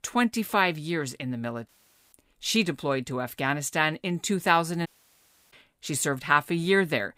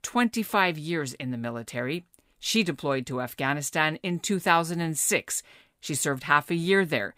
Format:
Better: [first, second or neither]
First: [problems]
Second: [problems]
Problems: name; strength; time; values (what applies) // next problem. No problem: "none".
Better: second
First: audio cutting out; at 1.5 s and at 5 s for 0.5 s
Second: none